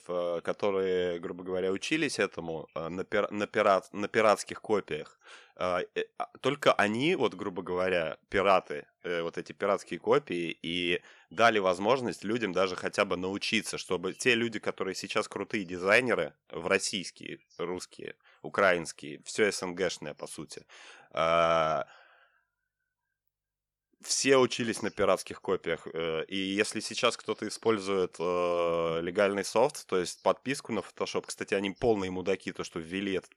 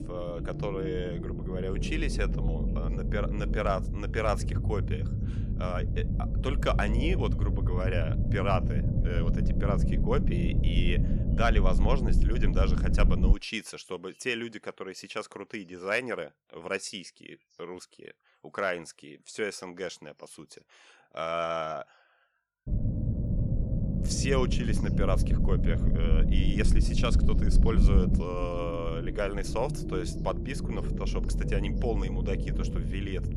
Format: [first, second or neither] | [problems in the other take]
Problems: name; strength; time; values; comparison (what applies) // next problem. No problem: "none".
first | low rumble; loud; until 13 s and from 23 s on; 7 dB below the speech